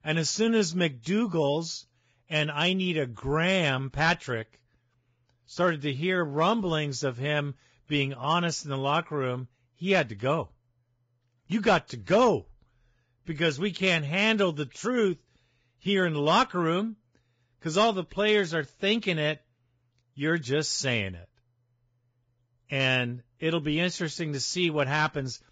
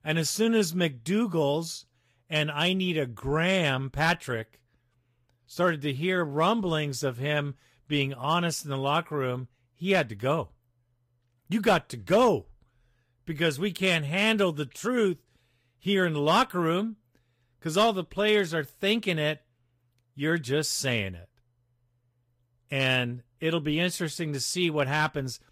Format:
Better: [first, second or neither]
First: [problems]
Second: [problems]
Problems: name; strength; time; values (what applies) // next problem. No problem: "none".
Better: second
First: garbled, watery; badly; nothing above 7.5 kHz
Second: garbled, watery; slightly; nothing above 14.5 kHz